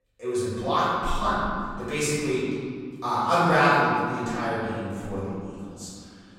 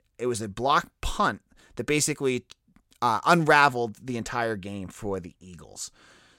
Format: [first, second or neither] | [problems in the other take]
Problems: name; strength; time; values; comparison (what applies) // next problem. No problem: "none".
second | room echo; strong; dies away in 2 s // off-mic speech; far